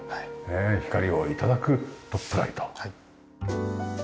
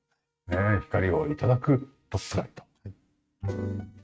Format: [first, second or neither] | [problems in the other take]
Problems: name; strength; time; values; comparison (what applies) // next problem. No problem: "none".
first | noise reduction (neural mask model RNNoise)